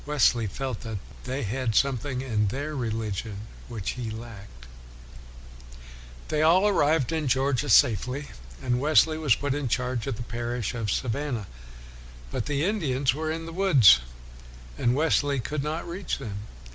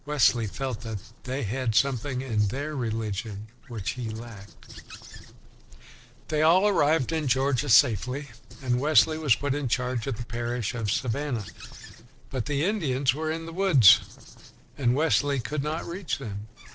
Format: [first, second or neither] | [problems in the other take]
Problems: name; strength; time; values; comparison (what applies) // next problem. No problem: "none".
first | noise reduction (neural separator model SepFormer DNS4)